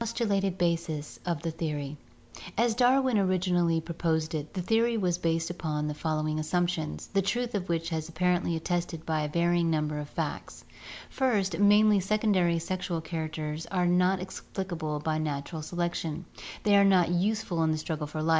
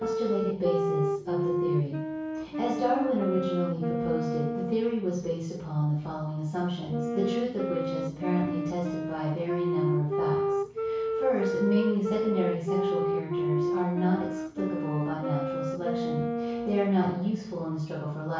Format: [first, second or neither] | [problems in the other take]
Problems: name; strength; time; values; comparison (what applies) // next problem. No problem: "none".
first | background sound (Wind instrument, woodwind instrument); 1 dB below the speech // room echo; dies away in 0.6 s